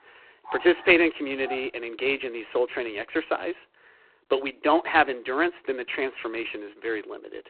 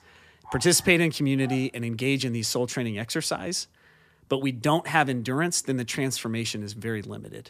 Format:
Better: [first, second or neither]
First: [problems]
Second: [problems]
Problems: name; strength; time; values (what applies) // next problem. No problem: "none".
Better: second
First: phone-call audio; poor line; nothing above 4 kHz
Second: none